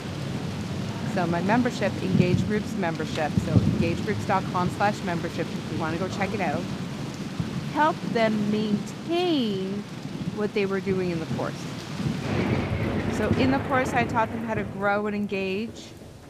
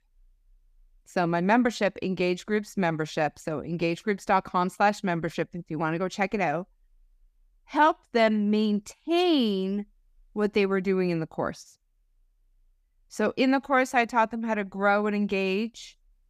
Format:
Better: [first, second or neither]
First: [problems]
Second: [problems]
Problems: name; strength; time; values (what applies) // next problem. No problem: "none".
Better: second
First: rain or running water; loud; throughout; 2 dB below the speech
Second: none